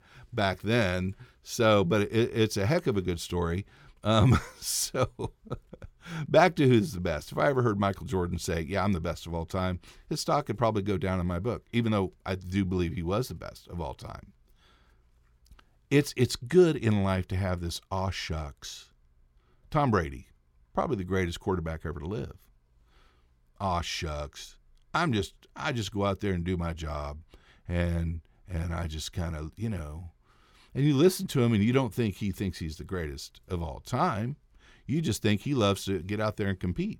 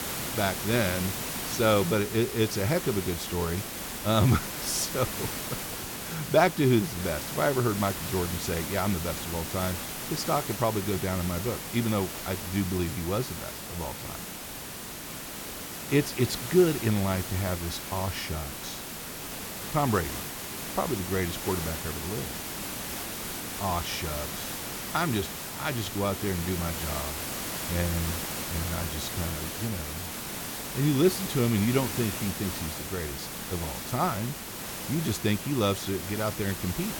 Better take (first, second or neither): first